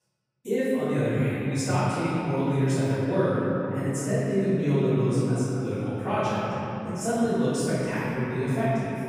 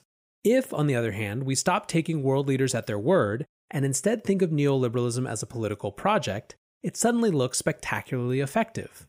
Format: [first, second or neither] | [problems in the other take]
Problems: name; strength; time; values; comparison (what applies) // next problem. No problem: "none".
second | room echo; strong; dies away in 3 s // off-mic speech; far